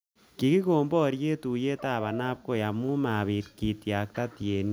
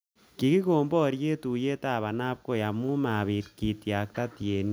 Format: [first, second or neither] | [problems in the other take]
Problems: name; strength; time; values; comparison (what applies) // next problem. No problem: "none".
second | background sound (Dog); 19 dB below the speech